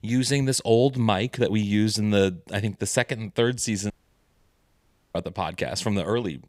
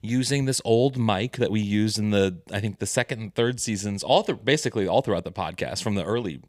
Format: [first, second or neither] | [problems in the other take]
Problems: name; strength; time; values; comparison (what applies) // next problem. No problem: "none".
second | audio cutting out; at 4 s for 1.5 s